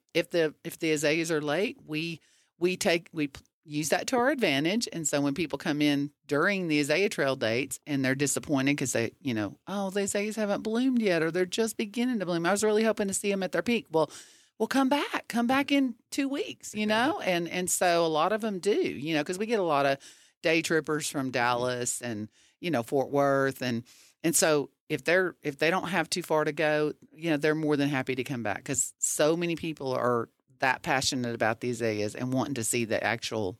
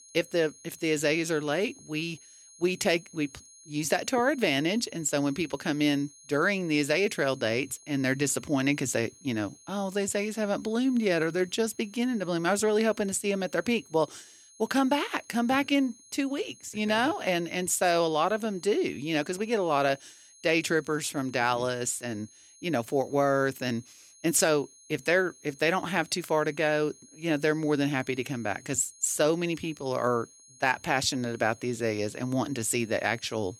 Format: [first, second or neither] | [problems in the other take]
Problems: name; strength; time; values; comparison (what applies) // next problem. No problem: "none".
first | high-pitched whine; faint; throughout; 6.5 kHz, 25 dB below the speech